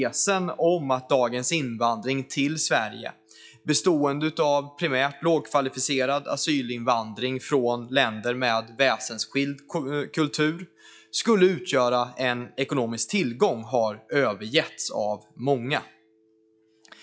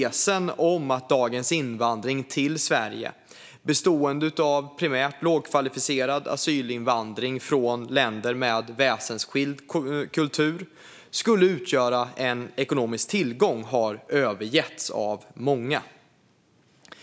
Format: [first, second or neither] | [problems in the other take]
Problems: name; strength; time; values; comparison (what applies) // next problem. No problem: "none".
second | noise reduction (classical method log-MMSE)